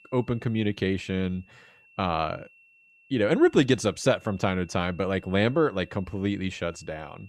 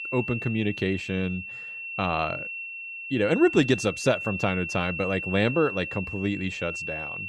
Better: first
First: high-pitched whine; faint; throughout; 2.5 kHz, 30 dB below the speech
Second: high-pitched whine; loud; throughout; 2.5 kHz, 6 dB below the speech

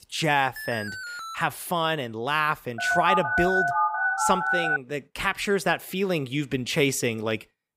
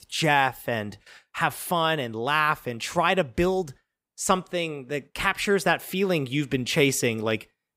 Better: second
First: alarm; noticeable; at 0.5 s; peak 8 dB below the speech // phone ringing; loud; from 3 to 5 s; peak 3 dB above the speech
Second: none

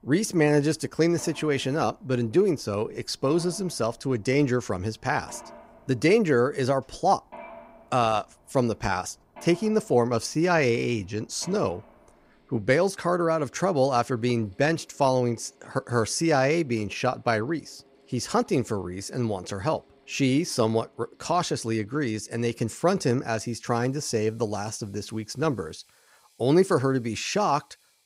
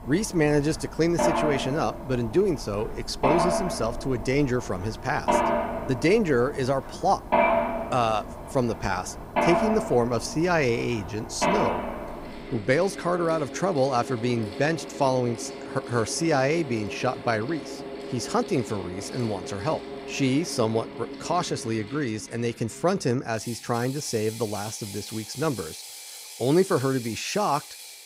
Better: first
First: machinery noise; faint; throughout; 30 dB below the speech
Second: machinery noise; loud; throughout; 6 dB below the speech

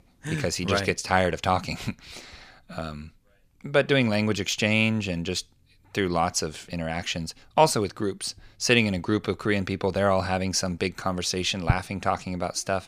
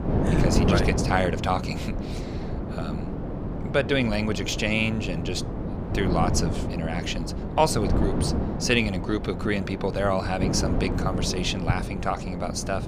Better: first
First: none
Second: wind noise on the microphone; heavy; 7 dB below the speech

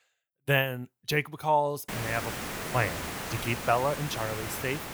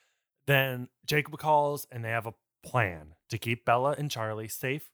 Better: second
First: hiss; loud; from 2 s on; 6 dB below the speech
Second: none

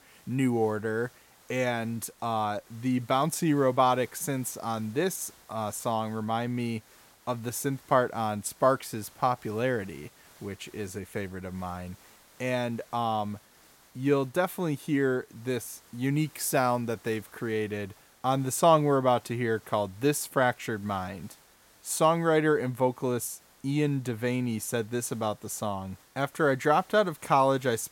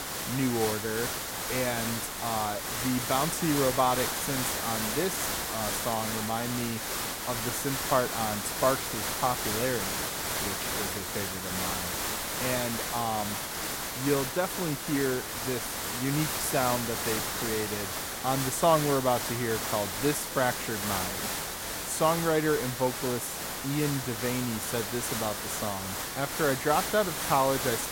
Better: first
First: hiss; faint; throughout; 25 dB below the speech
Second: hiss; loud; throughout; 1 dB below the speech

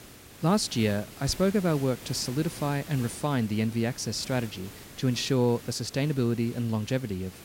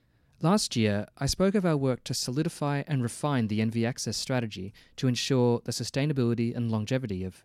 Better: second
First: hiss; noticeable; throughout; 15 dB below the speech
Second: none

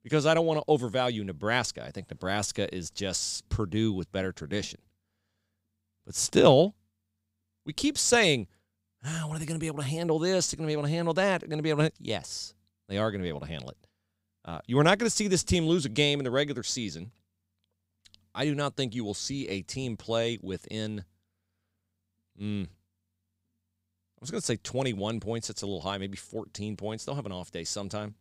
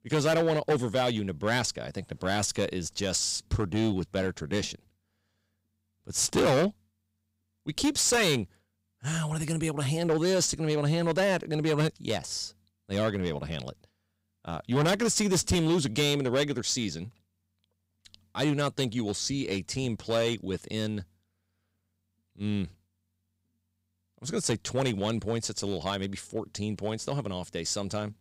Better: first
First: none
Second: distortion; heavy; 5% of the sound clipped

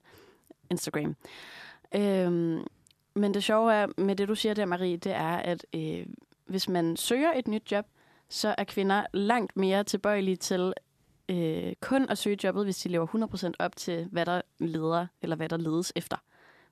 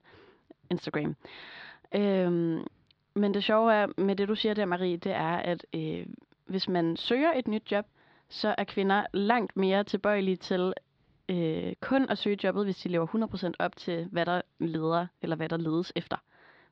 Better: first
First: none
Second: muffled; very slightly; fading above 4 kHz

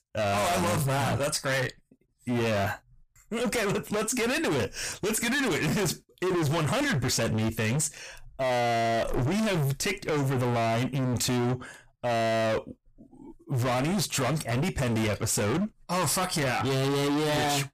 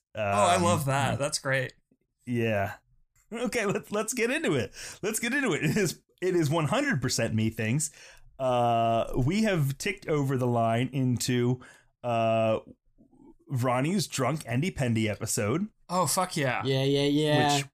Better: second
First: distortion; heavy; 41% of the sound clipped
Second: none

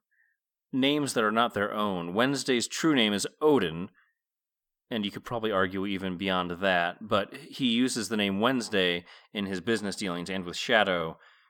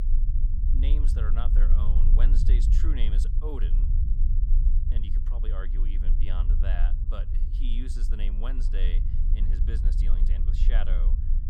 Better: first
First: none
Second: low rumble; loud; throughout; 4 dB below the speech

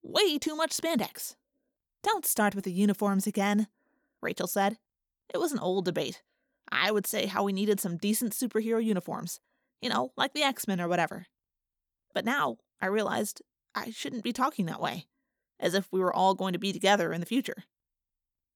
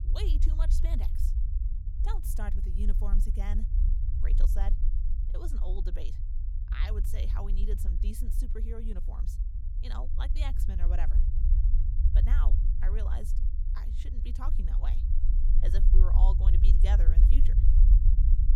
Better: first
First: none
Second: low rumble; loud; throughout; 4 dB below the speech

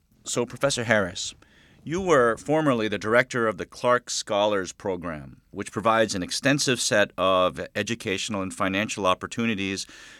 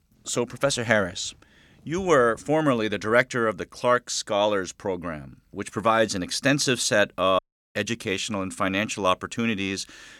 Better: first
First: none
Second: audio cutting out; at 7.5 s

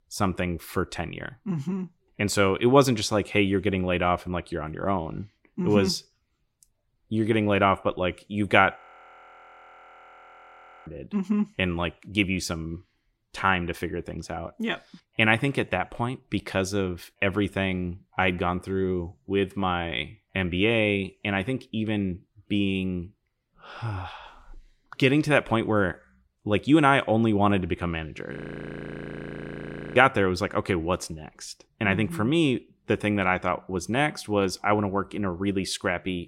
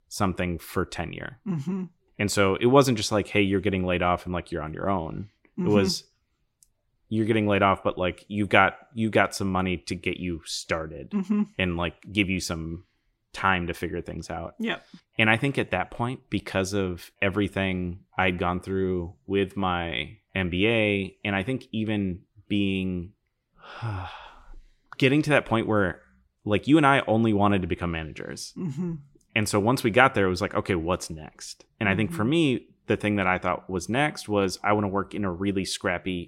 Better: second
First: audio freezing; at 9 s for 2 s and at 28 s for 1.5 s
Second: none

